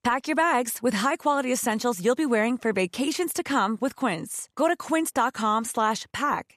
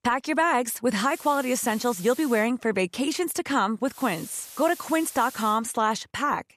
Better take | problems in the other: first | hiss; noticeable; from 1 to 2.5 s and from 4 to 5.5 s; 15 dB below the speech

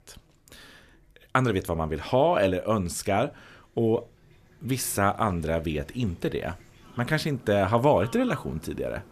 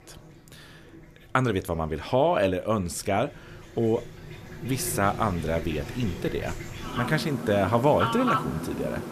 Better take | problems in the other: first | animal sounds; loud; throughout; 7 dB below the speech; faint in the first

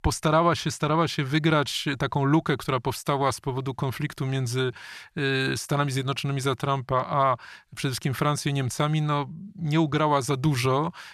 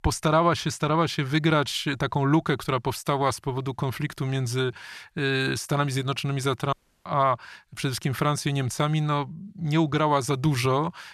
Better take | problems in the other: first | audio cutting out; at 6.5 s

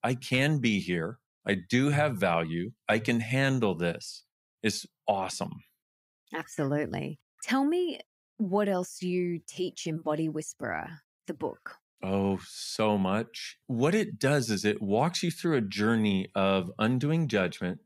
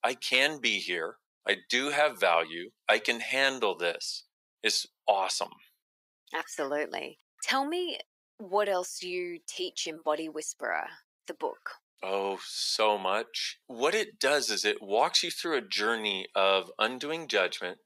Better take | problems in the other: first | thin; very; fading below 450 Hz

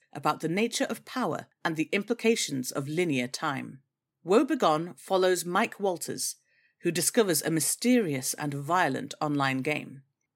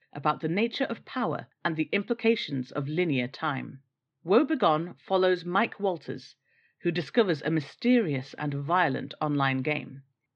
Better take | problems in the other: first | muffled; slightly; fading above 4 kHz

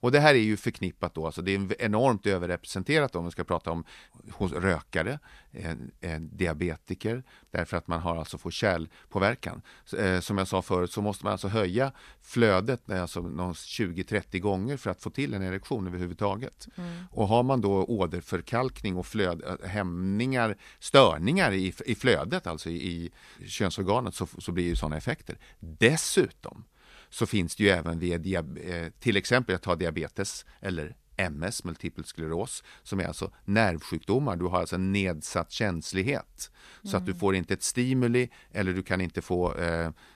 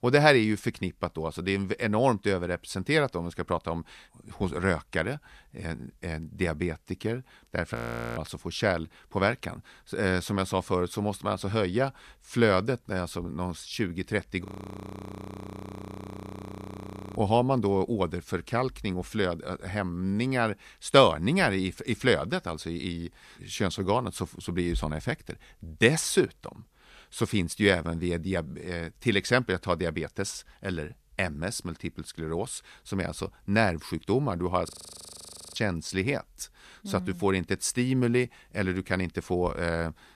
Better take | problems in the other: first | audio freezing; at 8 s, at 14 s for 2.5 s and at 35 s for 1 s

